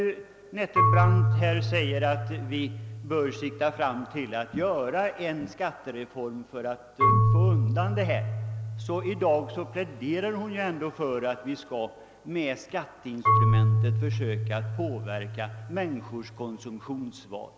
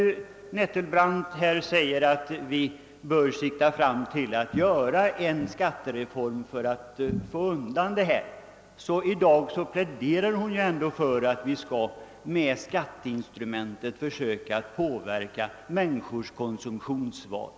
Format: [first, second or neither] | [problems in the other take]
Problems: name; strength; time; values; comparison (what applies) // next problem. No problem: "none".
second | background sound (Marimba, xylophone / Wood); 3 dB above the speech